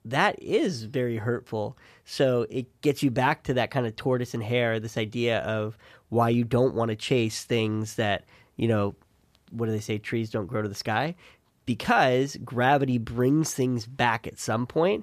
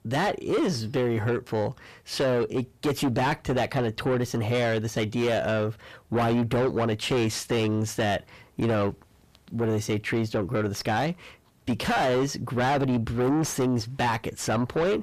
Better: first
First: none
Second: distortion; heavy; 6 dB below the speech

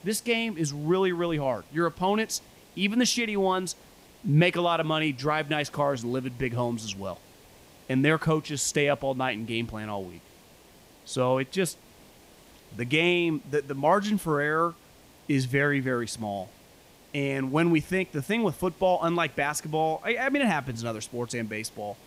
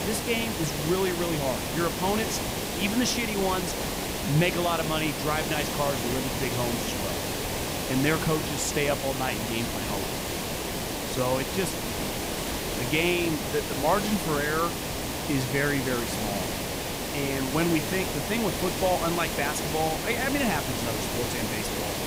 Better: first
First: hiss; faint; throughout; 25 dB below the speech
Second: hiss; loud; throughout; 1 dB below the speech

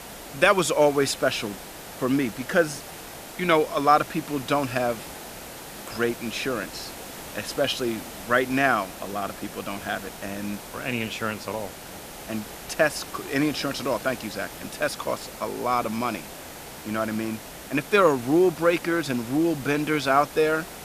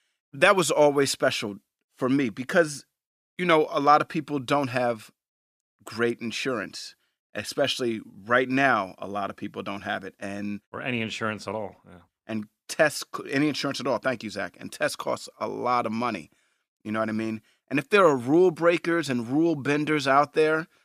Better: second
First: hiss; noticeable; throughout; 15 dB below the speech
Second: none

